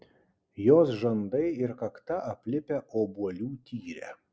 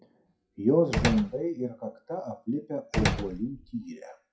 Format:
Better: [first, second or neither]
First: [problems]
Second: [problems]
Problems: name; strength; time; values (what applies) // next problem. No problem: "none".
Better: first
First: none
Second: noise reduction (classical method WPE with log-MMSE)